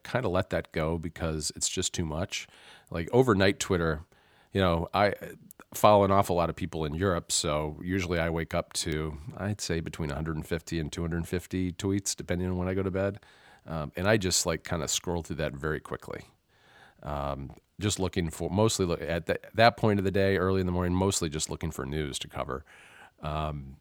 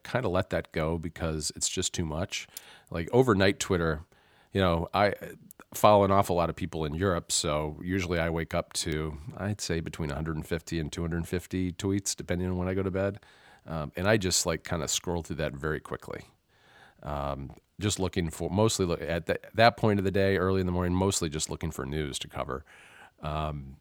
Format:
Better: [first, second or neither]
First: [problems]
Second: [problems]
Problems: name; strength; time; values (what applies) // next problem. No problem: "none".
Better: first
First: none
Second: clattering dishes; very faint; at 2.5 s; peak 15 dB below the speech